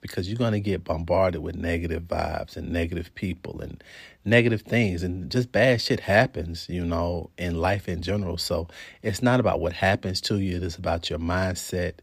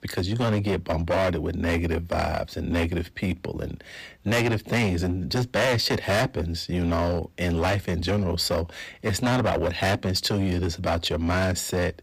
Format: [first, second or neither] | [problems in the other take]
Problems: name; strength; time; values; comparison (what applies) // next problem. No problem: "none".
first | distortion; heavy; 14% of the sound clipped